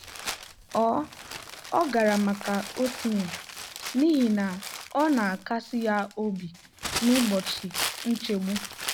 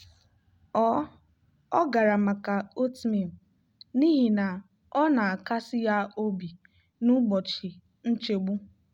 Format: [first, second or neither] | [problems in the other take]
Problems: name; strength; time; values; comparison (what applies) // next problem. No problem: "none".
second | background sound (Crumpling, crinkling); 10 dB below the speech